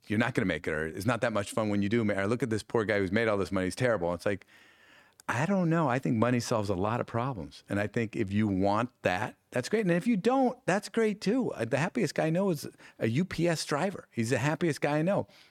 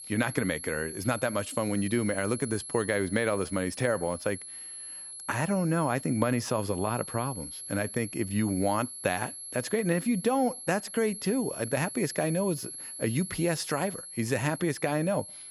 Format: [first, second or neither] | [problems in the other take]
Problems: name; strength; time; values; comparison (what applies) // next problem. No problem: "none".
first | high-pitched whine; loud; throughout; 11 kHz, 9 dB below the speech